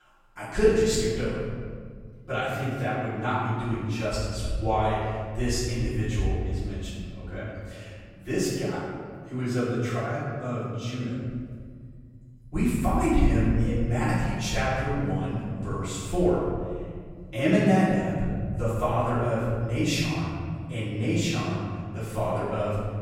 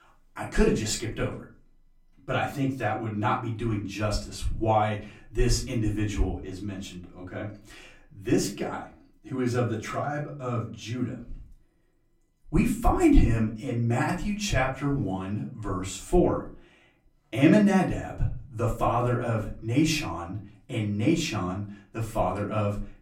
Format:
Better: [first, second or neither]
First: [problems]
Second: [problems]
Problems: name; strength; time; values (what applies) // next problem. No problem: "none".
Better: second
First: room echo; strong; dies away in 2.2 s // off-mic speech; far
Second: room echo; slight; dies away in 0.3 s // off-mic speech; far